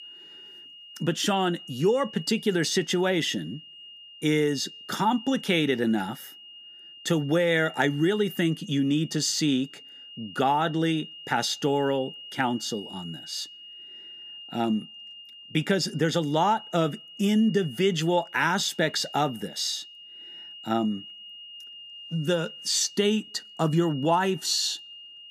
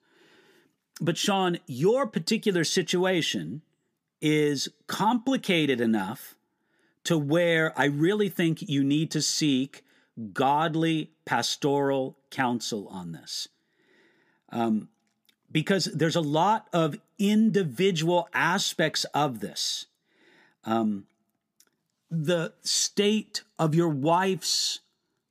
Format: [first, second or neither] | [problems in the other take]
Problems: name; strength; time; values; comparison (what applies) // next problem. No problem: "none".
second | high-pitched whine; noticeable; throughout; 3 kHz, 15 dB below the speech